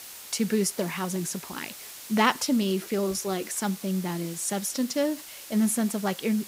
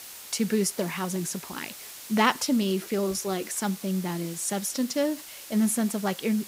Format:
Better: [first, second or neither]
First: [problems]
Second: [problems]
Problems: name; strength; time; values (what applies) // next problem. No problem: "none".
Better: neither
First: hiss; noticeable; throughout; 15 dB below the speech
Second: hiss; noticeable; throughout; 15 dB below the speech